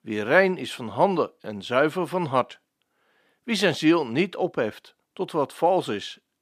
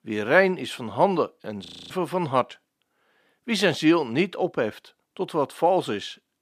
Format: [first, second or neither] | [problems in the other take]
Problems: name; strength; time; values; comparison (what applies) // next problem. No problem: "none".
first | audio freezing; at 1.5 s